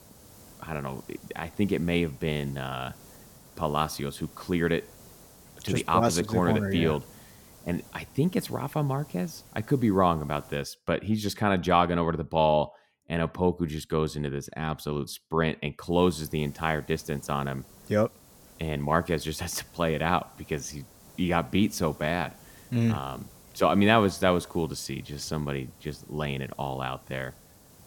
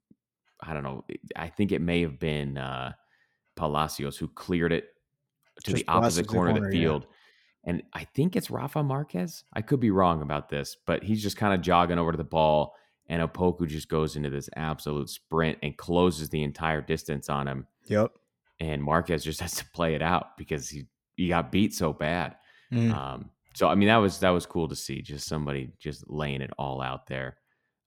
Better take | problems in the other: second | hiss; faint; until 11 s and from 16 s on; 25 dB below the speech

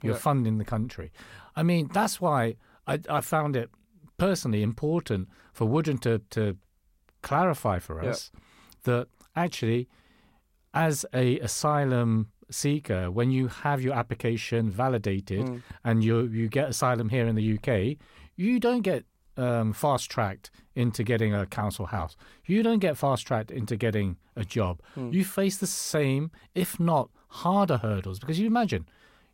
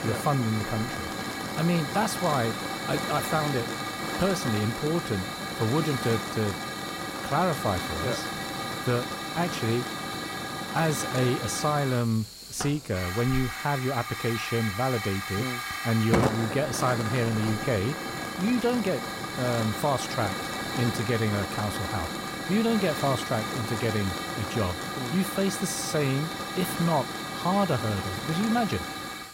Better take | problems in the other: first | hiss; loud; throughout; 3 dB below the speech

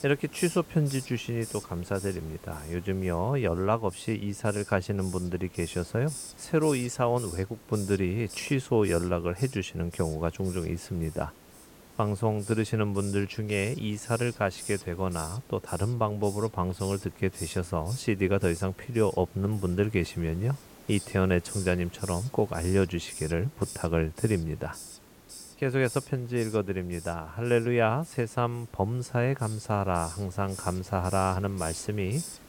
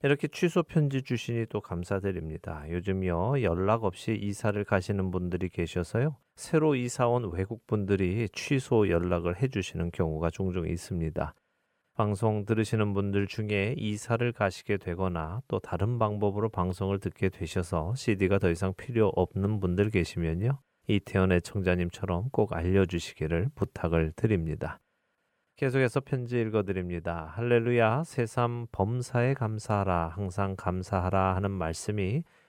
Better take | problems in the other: second | hiss; noticeable; throughout; 15 dB below the speech

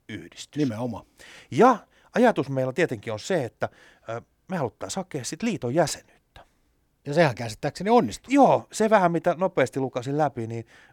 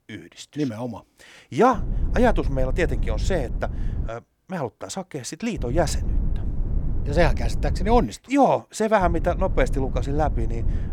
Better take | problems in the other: first | low rumble; noticeable; from 1.5 to 4 s, from 5.5 to 8 s and from 9 s on; 20 dB below the speech

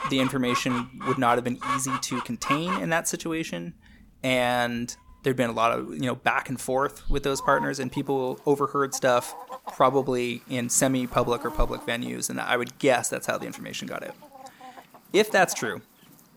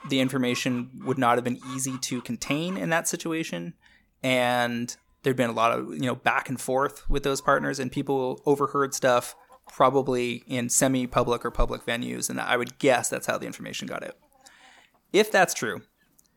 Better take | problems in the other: second | animal sounds; loud; throughout; 9 dB below the speech; faint in the second

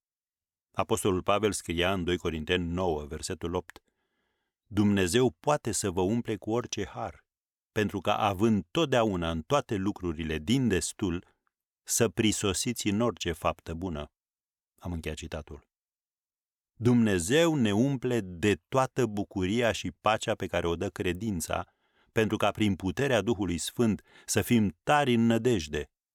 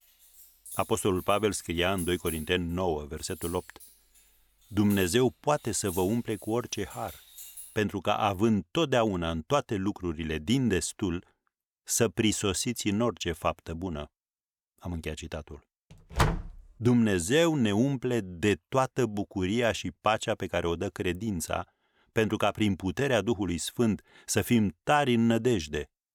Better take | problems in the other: first | jangling keys; noticeable; until 8 s; peak 9 dB below the speech // door banging; loud; at 16 s; peak level with the speech

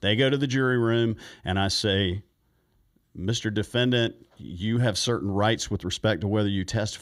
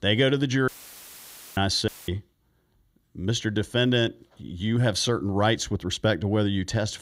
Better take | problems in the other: first | audio cutting out; filled with static; at 0.5 s for 1 s and at 2 s

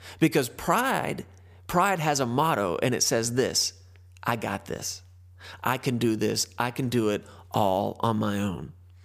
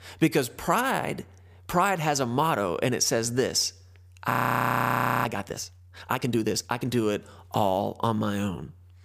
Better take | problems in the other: first | audio freezing; at 4.5 s for 1 s

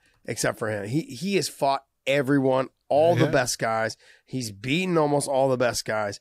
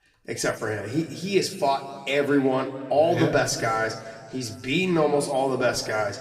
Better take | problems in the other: first | room echo; slight; dies away in 1.8 s // off-mic speech; somewhat distant

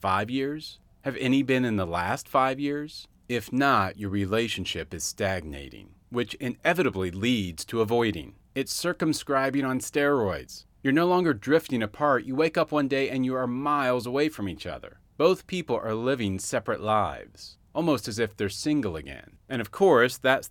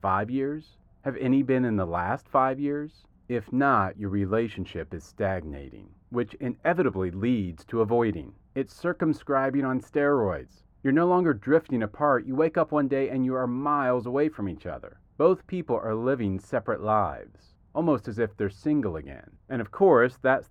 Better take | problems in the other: first | muffled; very; fading above 2.5 kHz

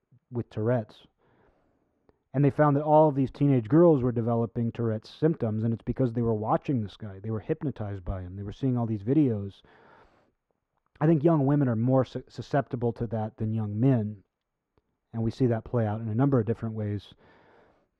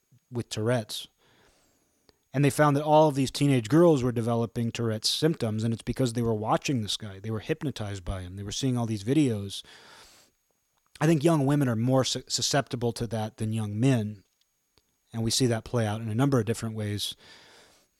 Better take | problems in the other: second | muffled; very; fading above 3.5 kHz

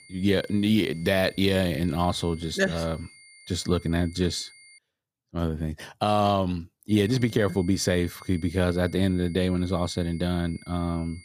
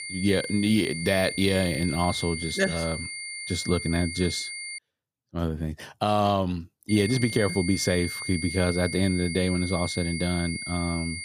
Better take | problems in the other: first | high-pitched whine; loud; until 5 s and from 7 s on; 2 kHz, 7 dB below the speech; faint in the first

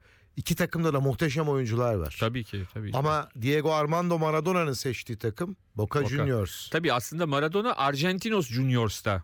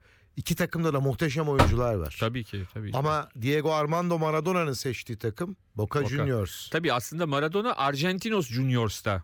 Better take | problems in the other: first | door banging; loud; at 1.5 s; peak 3 dB above the speech

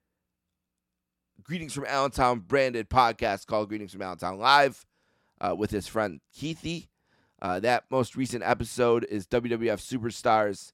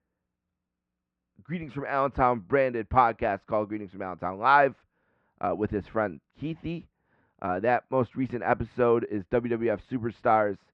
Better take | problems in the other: first | muffled; very; fading above 2 kHz

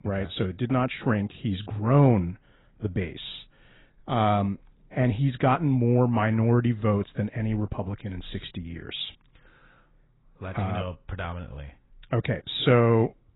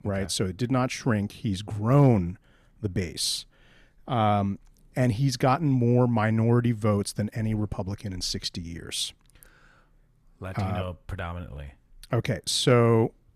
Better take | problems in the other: second | garbled, watery; badly; nothing above 4 kHz

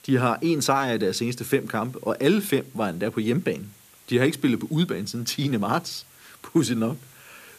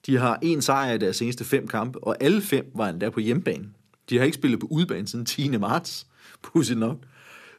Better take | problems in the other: second | hiss; faint; throughout; 25 dB below the speech

